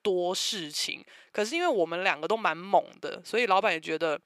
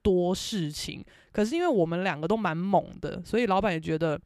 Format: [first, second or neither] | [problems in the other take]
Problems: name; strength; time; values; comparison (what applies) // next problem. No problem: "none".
second | thin; somewhat; fading below 450 Hz